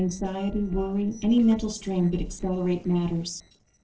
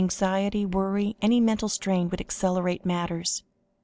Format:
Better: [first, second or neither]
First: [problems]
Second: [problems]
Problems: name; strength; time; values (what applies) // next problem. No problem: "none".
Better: second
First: noise reduction (neural separator model SepFormer DNS4)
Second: none